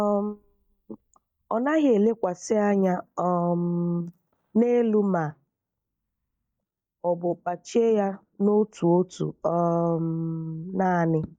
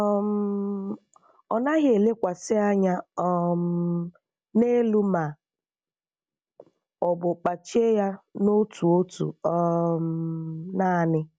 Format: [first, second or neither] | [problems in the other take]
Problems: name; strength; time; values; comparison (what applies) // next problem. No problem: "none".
second | noise reduction (neural mask model DeepFilterNet 3)